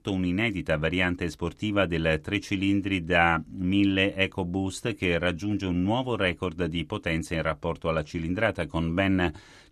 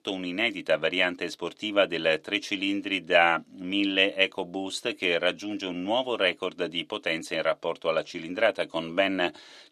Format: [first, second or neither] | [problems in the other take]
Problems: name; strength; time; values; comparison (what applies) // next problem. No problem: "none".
first | thin; somewhat; fading below 350 Hz